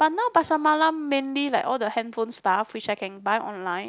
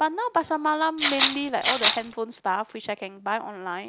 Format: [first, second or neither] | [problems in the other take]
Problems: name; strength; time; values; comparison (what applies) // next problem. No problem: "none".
first | background sound (Rattle (instrument)); 3 dB above the speech